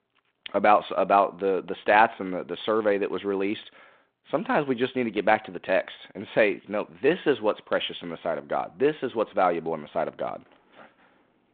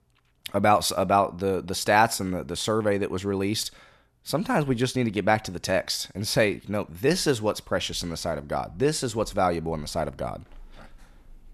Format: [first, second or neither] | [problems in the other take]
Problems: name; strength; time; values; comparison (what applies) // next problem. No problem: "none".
second | phone-call audio; nothing above 3.5 kHz